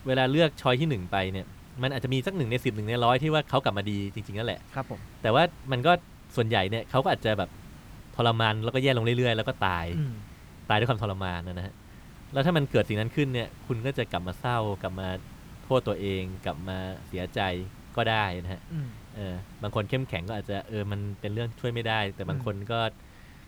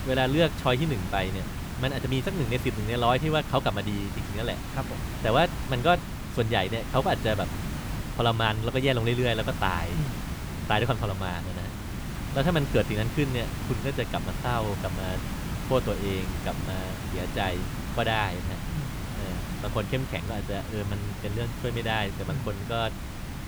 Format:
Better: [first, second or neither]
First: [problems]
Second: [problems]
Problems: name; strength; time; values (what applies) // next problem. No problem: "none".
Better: first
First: hiss; faint; throughout; 20 dB below the speech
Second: hiss; loud; throughout; 6 dB below the speech